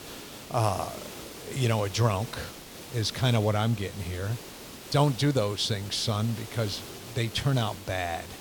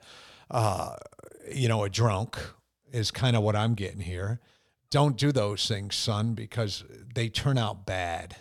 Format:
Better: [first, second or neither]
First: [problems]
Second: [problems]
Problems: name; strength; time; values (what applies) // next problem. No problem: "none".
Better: second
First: hiss; noticeable; throughout; 15 dB below the speech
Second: none